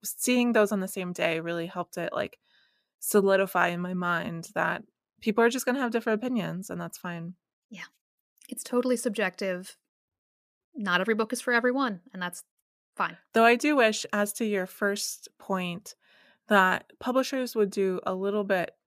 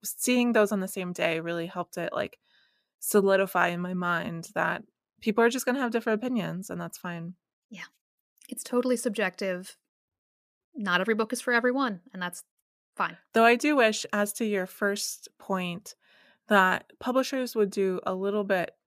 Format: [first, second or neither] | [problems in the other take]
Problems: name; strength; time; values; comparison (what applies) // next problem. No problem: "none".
neither | none